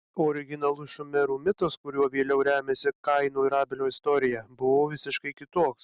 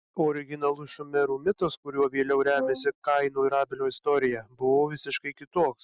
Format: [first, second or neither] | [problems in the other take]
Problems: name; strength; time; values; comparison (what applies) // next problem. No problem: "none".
first | noise reduction (classical method Wiener filter)